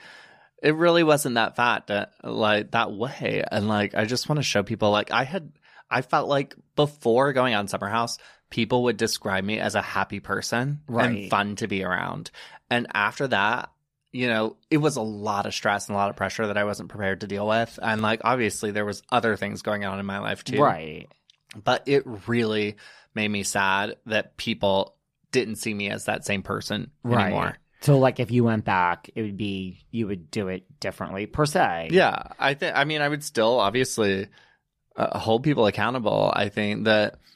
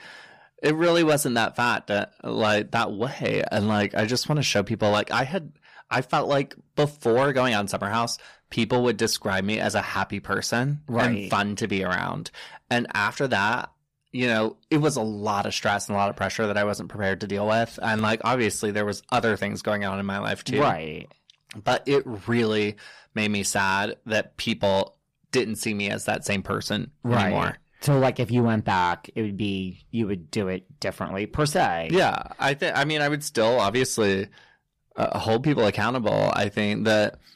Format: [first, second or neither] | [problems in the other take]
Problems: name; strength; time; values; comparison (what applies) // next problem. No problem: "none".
first | distortion; slight; 10 dB below the speech